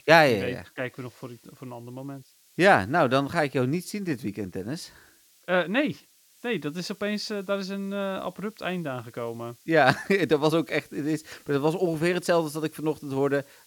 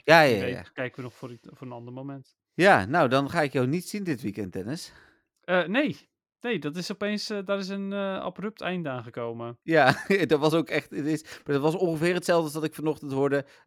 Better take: second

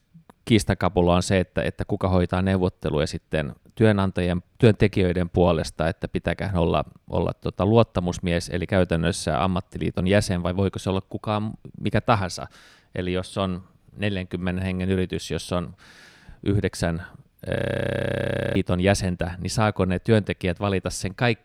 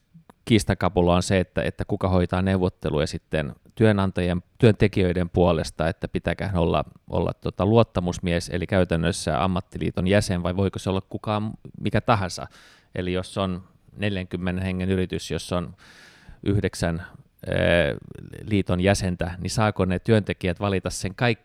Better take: second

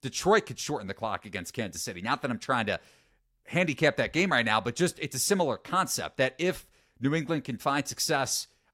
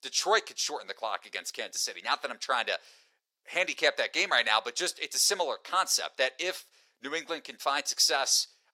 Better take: first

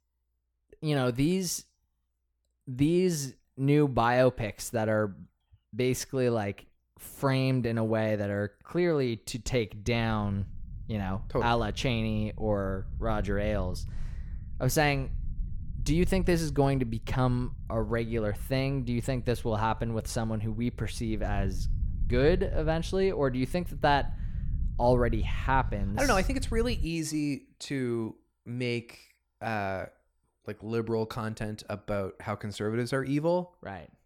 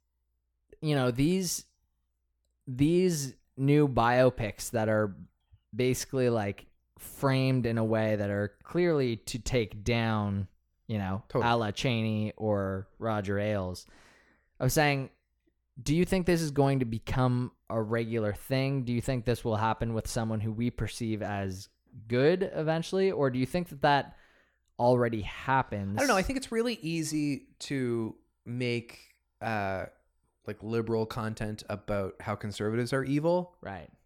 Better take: second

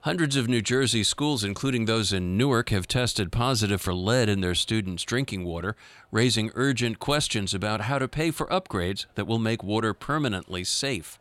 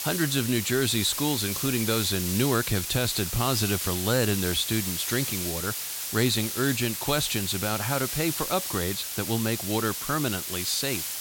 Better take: first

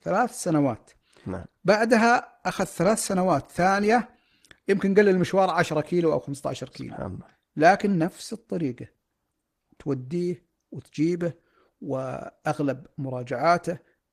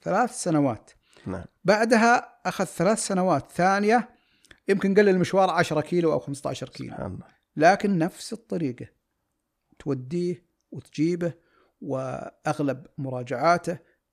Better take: second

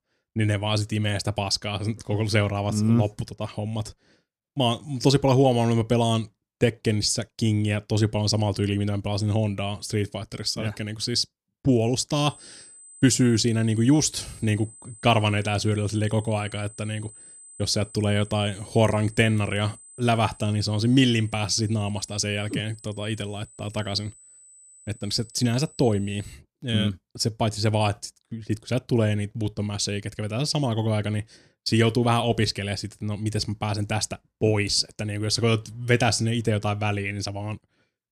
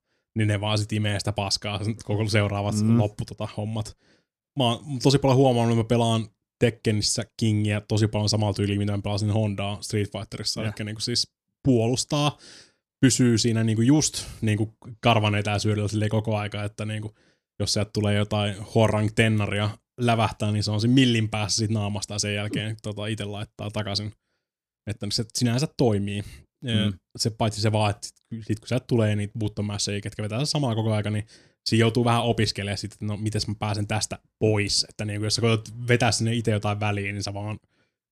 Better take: second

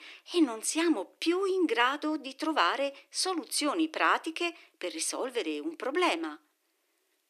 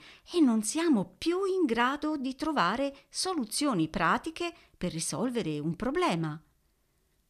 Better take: second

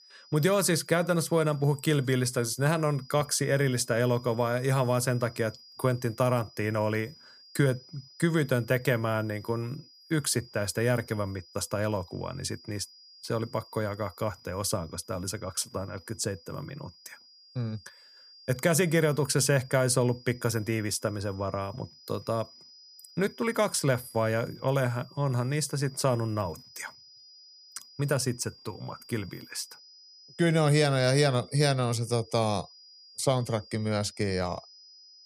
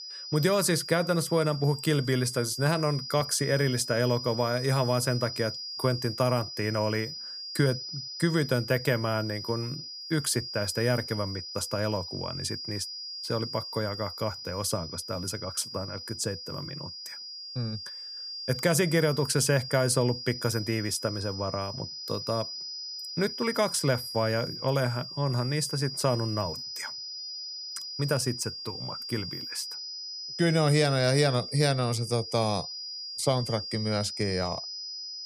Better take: first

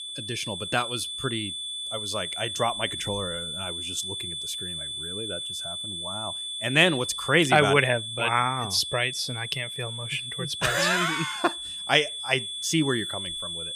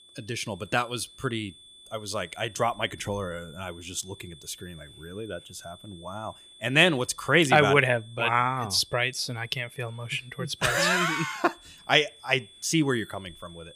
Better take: second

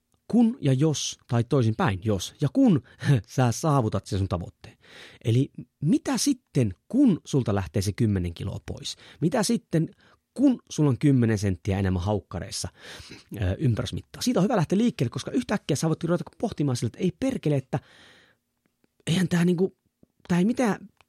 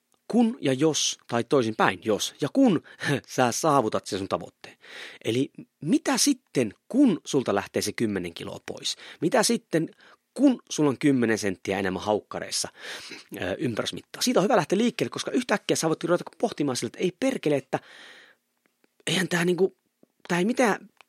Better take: first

